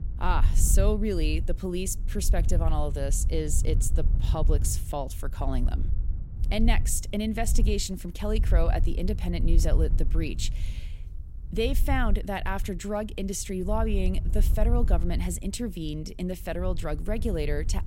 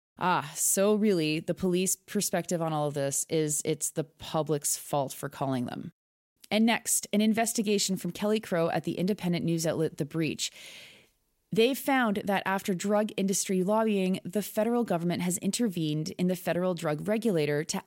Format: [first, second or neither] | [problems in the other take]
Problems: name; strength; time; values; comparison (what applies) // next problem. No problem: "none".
second | wind noise on the microphone; occasional gusts; 15 dB below the speech